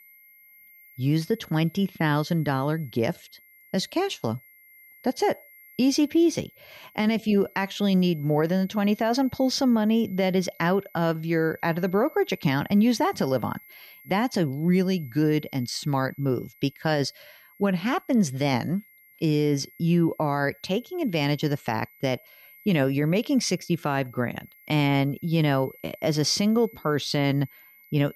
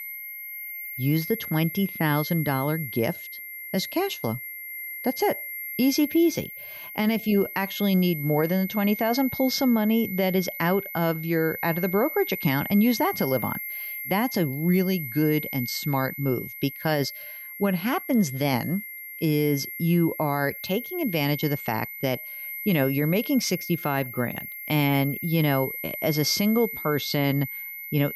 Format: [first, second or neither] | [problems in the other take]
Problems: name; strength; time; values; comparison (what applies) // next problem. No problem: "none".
first | high-pitched whine; loud; throughout; 2 kHz, 8 dB below the speech; faint in the first